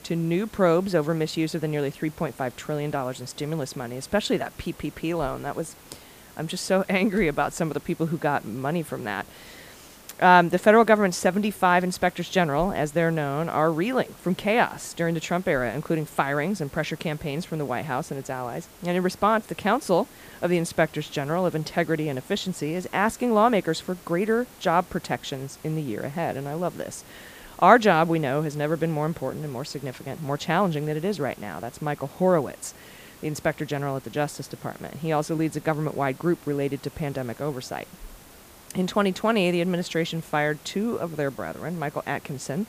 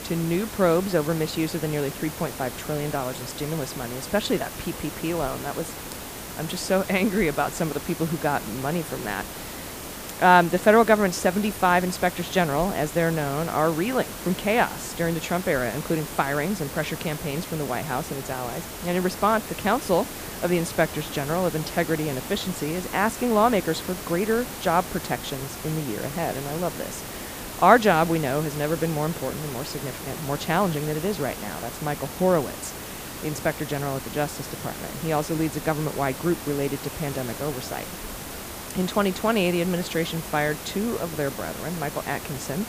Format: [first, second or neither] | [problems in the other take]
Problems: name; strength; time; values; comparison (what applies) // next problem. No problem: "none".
first | hiss; loud; throughout; 9 dB below the speech; faint in the first